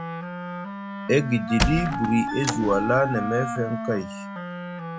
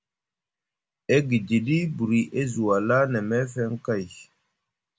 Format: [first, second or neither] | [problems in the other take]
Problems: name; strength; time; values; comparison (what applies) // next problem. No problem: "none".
second | background sound (Wind instrument, woodwind instrument + Squeak); 4 dB below the speech